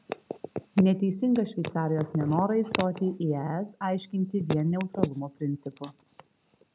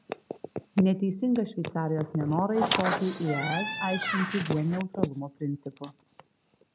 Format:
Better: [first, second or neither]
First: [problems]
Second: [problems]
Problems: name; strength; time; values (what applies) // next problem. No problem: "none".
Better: first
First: none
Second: background sound (Squeak); 3 dB below the speech